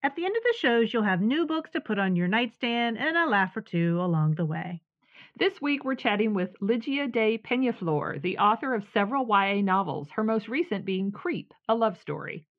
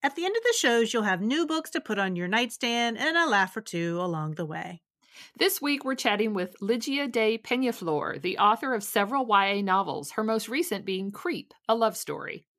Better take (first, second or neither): second